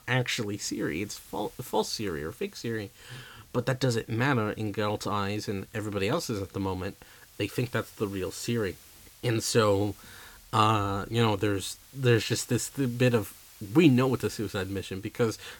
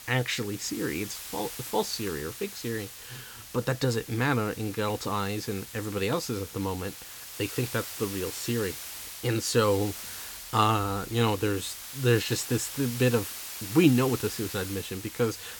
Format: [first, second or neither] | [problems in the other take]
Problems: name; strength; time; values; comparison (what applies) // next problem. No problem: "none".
first | hiss; loud; throughout; 10 dB below the speech; faint in the first